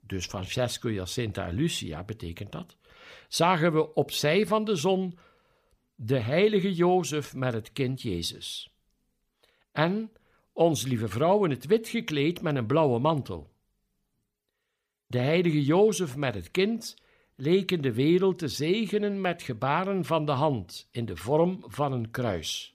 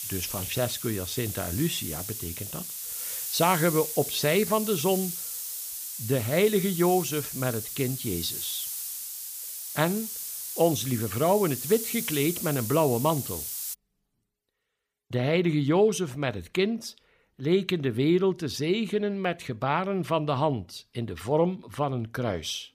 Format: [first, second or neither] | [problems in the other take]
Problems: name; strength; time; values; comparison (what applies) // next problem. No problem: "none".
first | hiss; loud; until 14 s; 5 dB below the speech